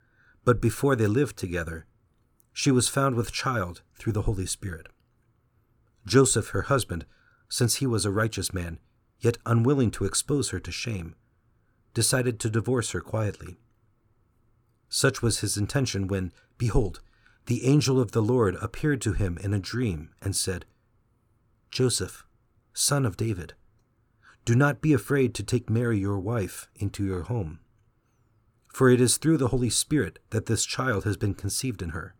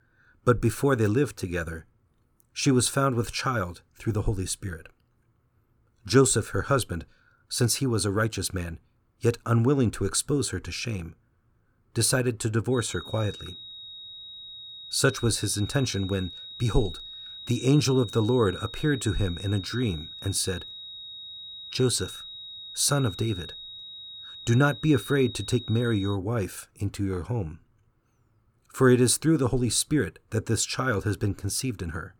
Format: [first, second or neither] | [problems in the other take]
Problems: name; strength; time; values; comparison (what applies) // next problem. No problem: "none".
first | high-pitched whine; noticeable; from 13 to 26 s; 4 kHz, 15 dB below the speech